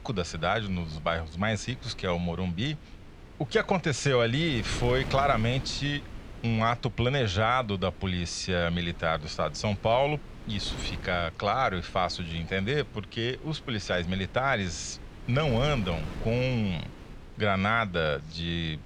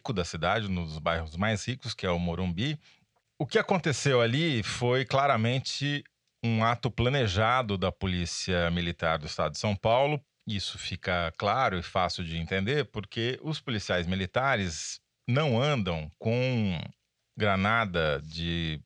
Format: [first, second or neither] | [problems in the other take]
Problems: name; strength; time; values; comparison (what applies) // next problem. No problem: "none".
second | wind noise on the microphone; occasional gusts; 20 dB below the speech